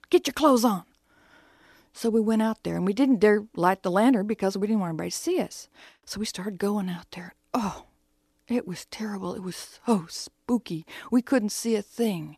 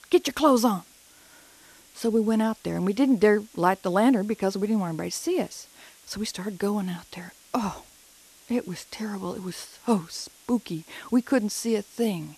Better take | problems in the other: first | hiss; faint; throughout; 25 dB below the speech

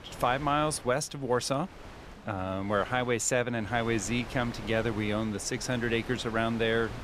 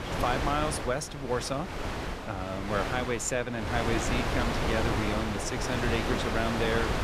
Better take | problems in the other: first | wind noise on the microphone; heavy; 1 dB below the speech; occasional gusts in the first

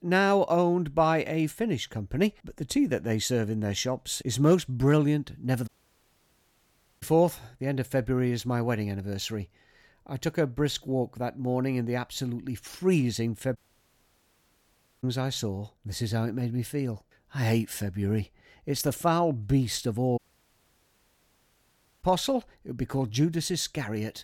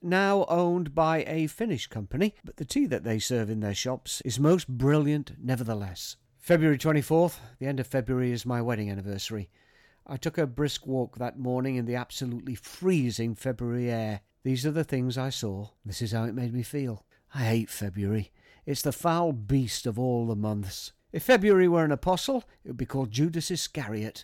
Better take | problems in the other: second | audio cutting out; at 5.5 s for 1.5 s, at 14 s for 1.5 s and at 20 s for 2 s

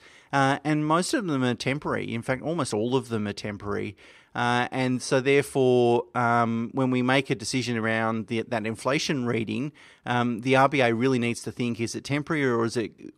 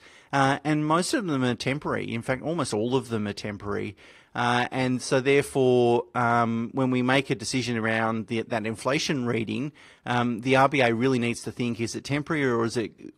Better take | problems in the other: first | garbled, watery; slightly

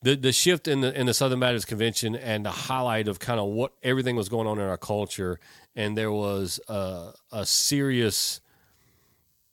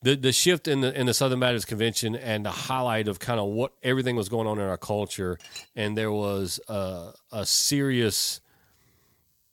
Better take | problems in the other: first | clattering dishes; faint; at 5.5 s; peak 15 dB below the speech

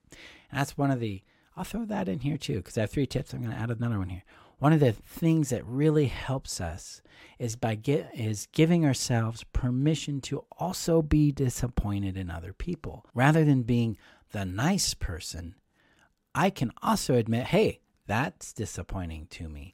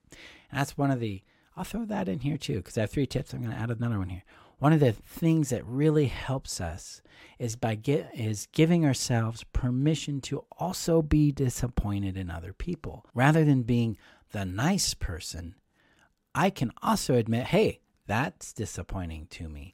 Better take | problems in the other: neither | none

